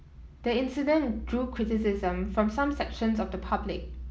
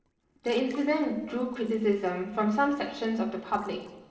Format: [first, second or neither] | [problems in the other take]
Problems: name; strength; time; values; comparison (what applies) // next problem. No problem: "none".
first | noise reduction (neural separator model SepFormer DNS4)